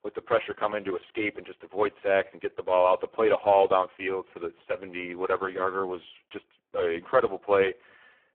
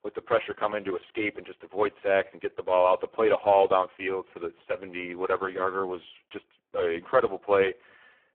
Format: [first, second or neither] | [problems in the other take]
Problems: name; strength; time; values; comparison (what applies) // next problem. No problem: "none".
neither | phone-call audio; poor line; the same in both